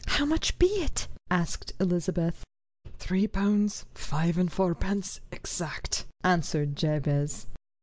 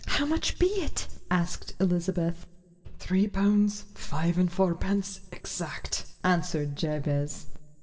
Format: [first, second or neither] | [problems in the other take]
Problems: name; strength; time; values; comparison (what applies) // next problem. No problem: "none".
first | room echo; dies away in 0.9 s